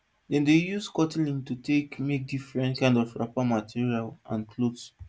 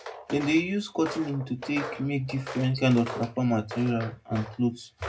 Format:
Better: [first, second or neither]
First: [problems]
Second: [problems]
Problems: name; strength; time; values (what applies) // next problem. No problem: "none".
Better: first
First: none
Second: background sound (Walk, footsteps); 13 dB below the speech // room echo; dies away in 0.2 s